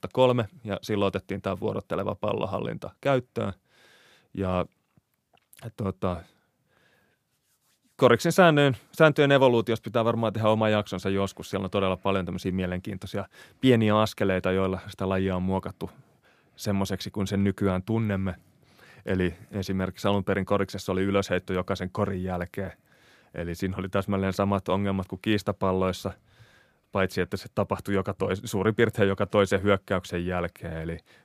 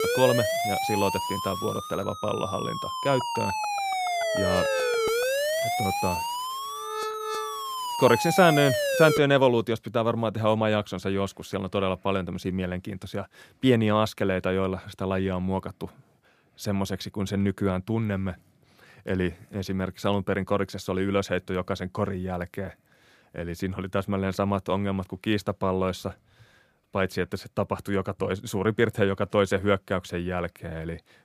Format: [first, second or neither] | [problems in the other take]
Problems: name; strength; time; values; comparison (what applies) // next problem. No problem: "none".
first | siren; loud; until 9 s; peak 2 dB above the speech